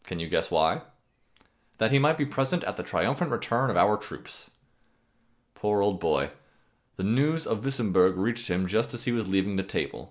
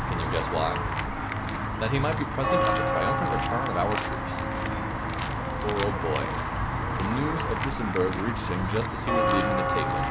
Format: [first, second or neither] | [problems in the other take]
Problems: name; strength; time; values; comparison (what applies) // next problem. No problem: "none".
first | background sound (Walk, footsteps / Bell); 4 dB above the speech